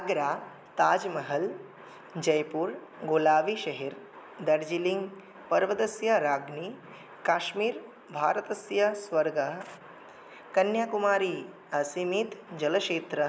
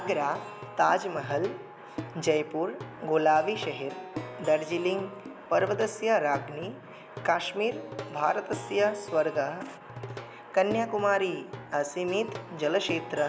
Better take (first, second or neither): first